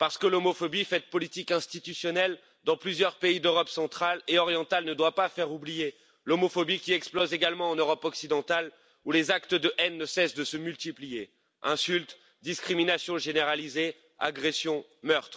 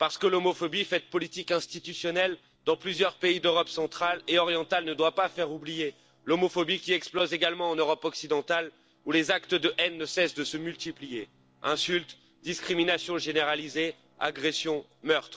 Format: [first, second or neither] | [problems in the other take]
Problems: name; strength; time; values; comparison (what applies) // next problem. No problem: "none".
first | noise reduction (neural separator model SepFormer DNS4)